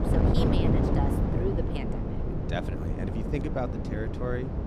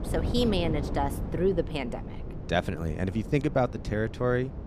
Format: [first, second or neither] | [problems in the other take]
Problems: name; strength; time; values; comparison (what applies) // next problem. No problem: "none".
second | wind noise on the microphone; heavy; 1 dB above the speech; occasional gusts in the second